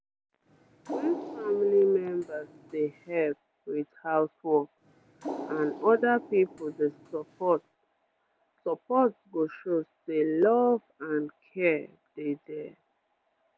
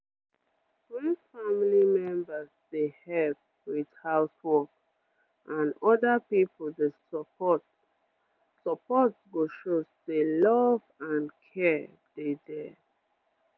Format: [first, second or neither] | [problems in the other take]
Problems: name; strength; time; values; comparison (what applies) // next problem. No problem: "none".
second | background sound (Water); 13 dB below the speech